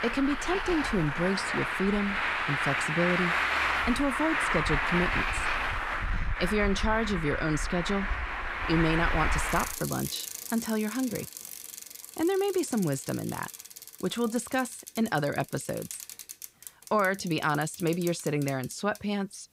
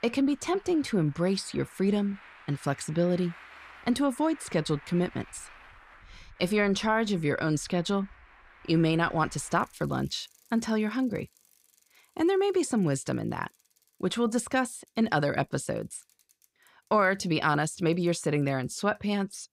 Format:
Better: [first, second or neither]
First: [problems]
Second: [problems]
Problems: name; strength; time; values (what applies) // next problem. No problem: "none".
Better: second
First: traffic noise; loud; throughout; 1 dB below the speech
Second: traffic noise; faint; throughout; 25 dB below the speech